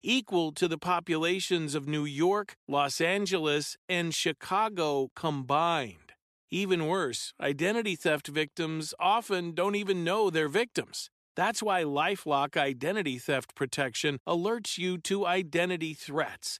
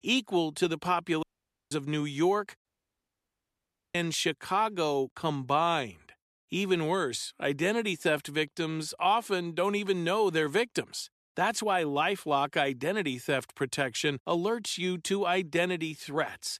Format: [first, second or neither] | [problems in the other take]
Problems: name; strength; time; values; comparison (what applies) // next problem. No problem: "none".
first | audio cutting out; at 1 s and at 2.5 s for 1.5 s